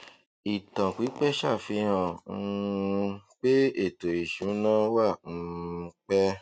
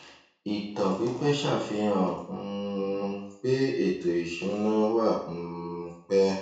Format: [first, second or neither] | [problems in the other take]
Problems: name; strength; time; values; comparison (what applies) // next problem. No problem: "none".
first | room echo; dies away in 0.5 s